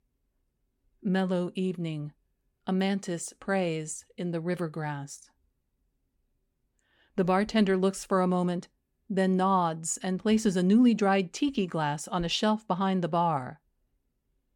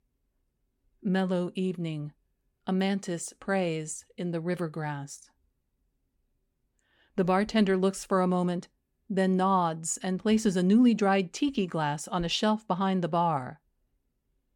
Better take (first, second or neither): neither